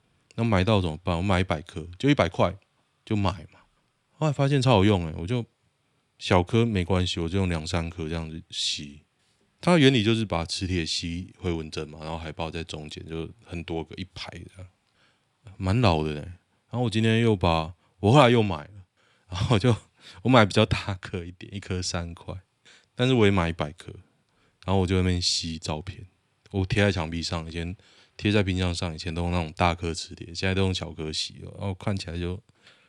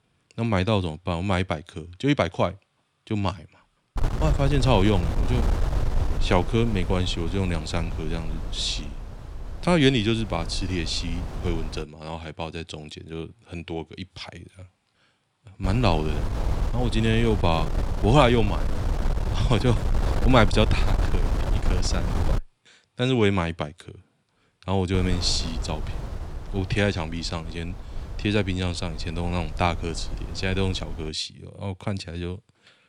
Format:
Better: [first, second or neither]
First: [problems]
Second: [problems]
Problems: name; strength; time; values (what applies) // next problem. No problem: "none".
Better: first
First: none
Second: wind noise on the microphone; occasional gusts; from 4 to 12 s, from 16 to 22 s and from 25 to 31 s; 10 dB below the speech